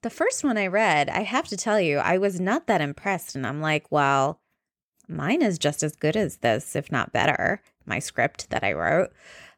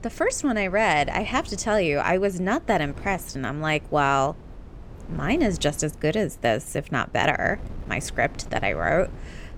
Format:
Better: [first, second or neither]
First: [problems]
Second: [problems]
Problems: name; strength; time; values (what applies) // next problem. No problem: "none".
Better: first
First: none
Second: wind noise on the microphone; occasional gusts; 25 dB below the speech